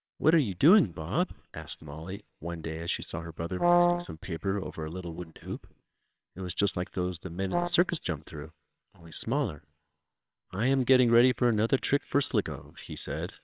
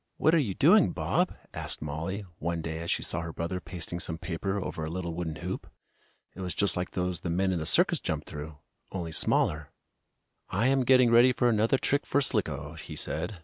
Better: second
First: noise reduction (neural separator model SepFormer WHAMR!)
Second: none

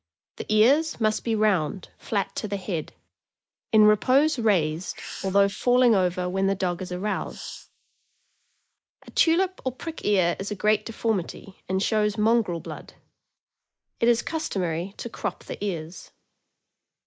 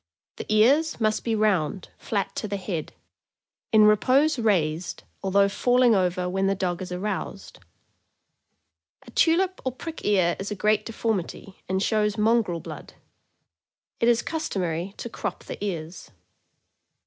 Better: second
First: noise reduction (neural mask model Resemble Enhance denoiser)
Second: none

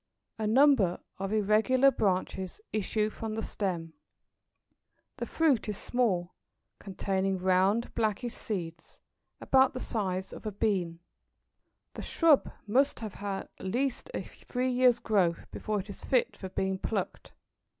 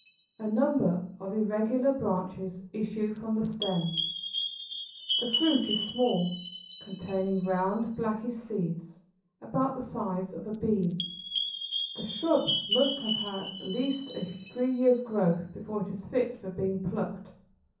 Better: first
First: none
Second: background sound (Chime); 8 dB below the speech // room echo; dies away in 0.6 s

